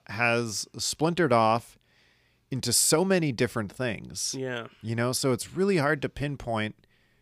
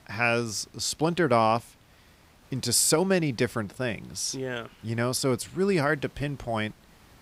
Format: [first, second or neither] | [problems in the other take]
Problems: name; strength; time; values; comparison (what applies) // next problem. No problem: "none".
first | hiss; faint; throughout; 30 dB below the speech